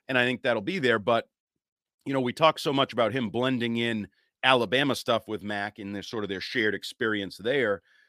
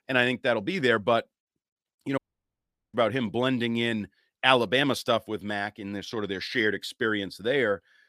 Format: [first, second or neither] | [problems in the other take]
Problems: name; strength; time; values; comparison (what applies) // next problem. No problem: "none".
first | audio cutting out; at 2 s for 1 s